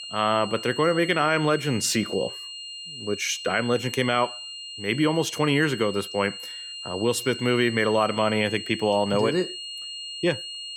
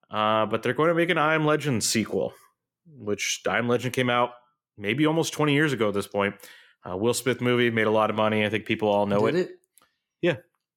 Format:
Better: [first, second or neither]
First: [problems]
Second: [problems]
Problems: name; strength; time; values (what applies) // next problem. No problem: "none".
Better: second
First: high-pitched whine; loud; throughout; 3 kHz, 10 dB below the speech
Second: none